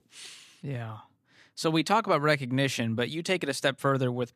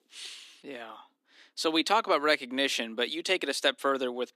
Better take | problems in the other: first | thin; somewhat; fading below 250 Hz

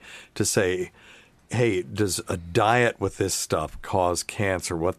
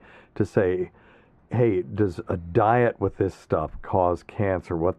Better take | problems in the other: first | muffled; very; fading above 3 kHz

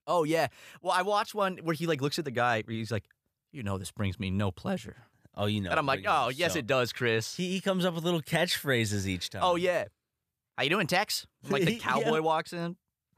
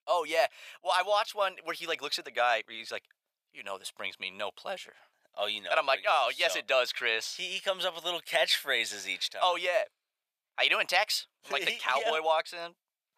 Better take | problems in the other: first | thin; very; fading below 700 Hz

